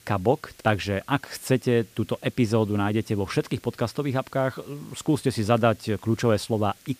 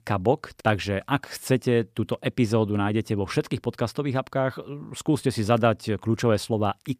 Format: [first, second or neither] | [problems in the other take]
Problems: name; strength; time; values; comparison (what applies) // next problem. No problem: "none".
second | hiss; faint; throughout; 25 dB below the speech